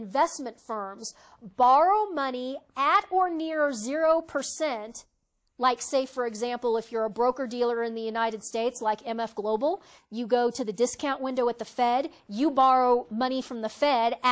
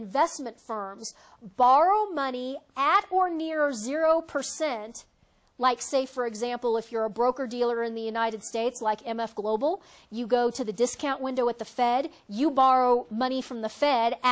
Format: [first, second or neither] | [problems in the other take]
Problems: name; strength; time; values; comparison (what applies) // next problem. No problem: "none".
second | noise reduction (neural mask model Resemble Enhance denoiser)